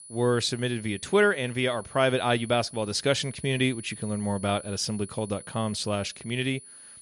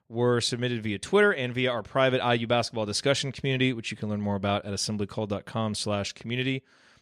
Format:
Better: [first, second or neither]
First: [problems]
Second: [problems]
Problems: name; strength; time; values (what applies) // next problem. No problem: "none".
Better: second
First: high-pitched whine; noticeable; throughout; 9.5 kHz, 15 dB below the speech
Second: none